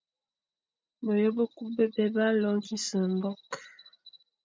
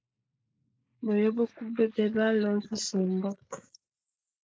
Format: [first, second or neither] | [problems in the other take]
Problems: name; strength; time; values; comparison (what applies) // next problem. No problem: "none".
first | noise reduction (neural mask model Resemble Enhance denoiser)